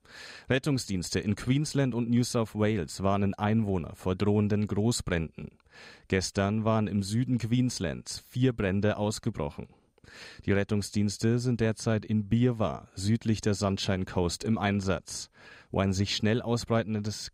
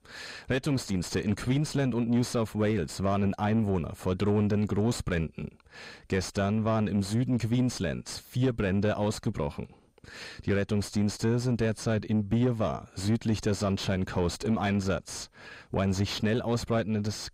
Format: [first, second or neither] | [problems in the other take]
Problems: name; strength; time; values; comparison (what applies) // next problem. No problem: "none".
first | distortion; slight; 9 dB below the speech